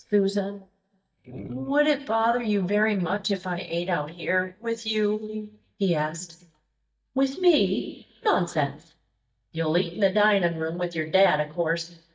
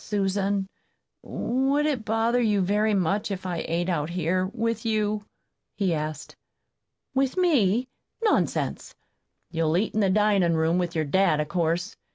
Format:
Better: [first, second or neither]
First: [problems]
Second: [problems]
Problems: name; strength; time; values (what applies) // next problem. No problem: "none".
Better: second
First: noise reduction (neural mask model DeepFilterNet 3)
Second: none